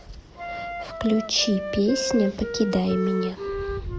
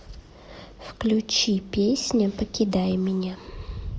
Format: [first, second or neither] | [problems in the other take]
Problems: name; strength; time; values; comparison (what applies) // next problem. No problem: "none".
second | background sound (Wind instrument, woodwind instrument); 6 dB below the speech